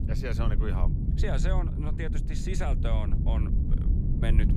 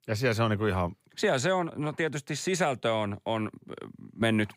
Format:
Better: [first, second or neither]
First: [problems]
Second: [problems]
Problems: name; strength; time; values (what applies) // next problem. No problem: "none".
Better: second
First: low rumble; loud; throughout; 4 dB below the speech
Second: none